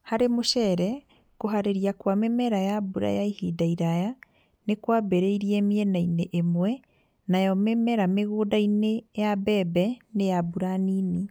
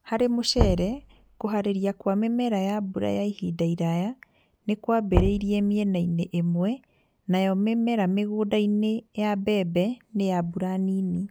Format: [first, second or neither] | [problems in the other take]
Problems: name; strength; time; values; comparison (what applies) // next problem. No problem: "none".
first | background sound (Knock / Wood); 6 dB below the speech